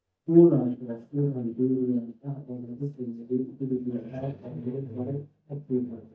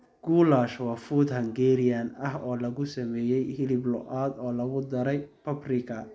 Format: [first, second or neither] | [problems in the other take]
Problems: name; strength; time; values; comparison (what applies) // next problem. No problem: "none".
second | noise reduction (neural mask model DeepFilterNet 3)